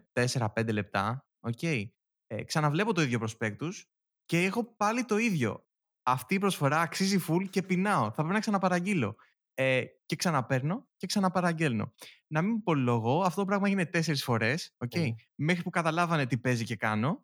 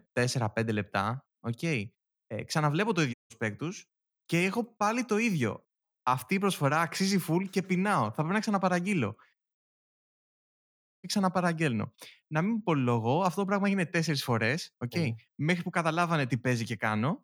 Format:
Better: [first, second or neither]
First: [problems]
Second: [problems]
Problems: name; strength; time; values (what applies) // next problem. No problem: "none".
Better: first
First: none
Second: audio cutting out; at 3 s and at 9.5 s for 1.5 s